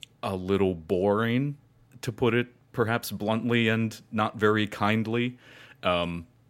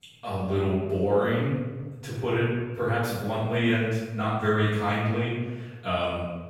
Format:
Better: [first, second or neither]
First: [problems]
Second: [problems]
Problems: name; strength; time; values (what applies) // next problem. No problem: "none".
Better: first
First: none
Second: off-mic speech; far // room echo; strong; dies away in 1.2 s